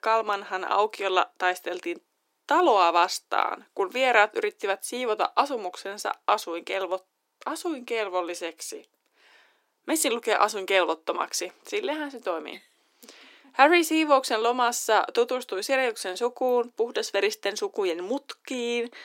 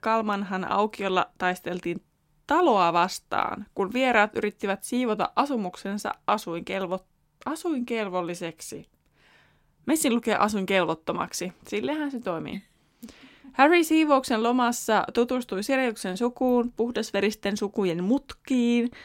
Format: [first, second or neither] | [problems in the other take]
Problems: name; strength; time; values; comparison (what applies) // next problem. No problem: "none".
second | thin; somewhat; fading below 350 Hz